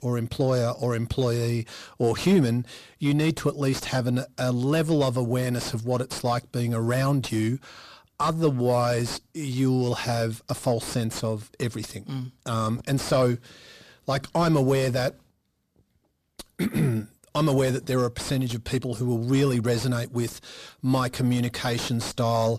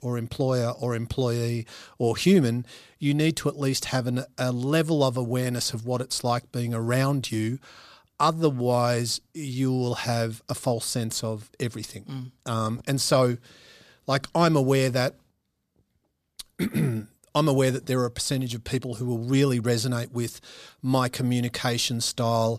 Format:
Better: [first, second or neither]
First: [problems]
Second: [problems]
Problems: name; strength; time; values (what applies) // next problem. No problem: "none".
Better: second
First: distortion; slight; 10 dB below the speech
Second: none